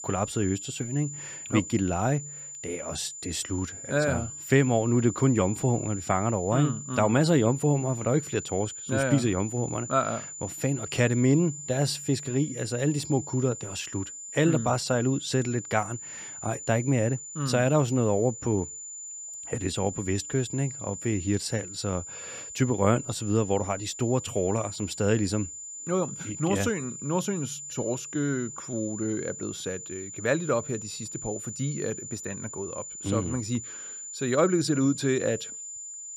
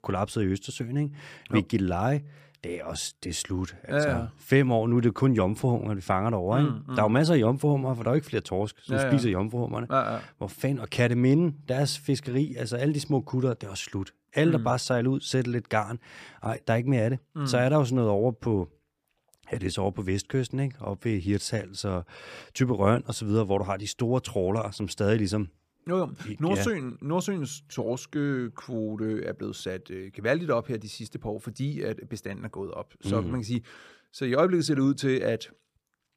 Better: second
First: high-pitched whine; loud; throughout; 7 kHz, 9 dB below the speech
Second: none

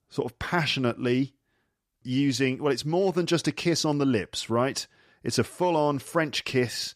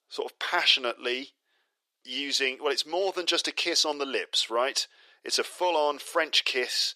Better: first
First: none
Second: thin; very; fading below 400 Hz

